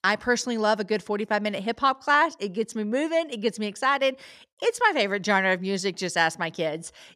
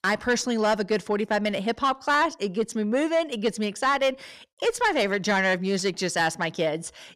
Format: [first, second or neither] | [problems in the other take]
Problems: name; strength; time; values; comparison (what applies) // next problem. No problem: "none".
first | distortion; slight; 10 dB below the speech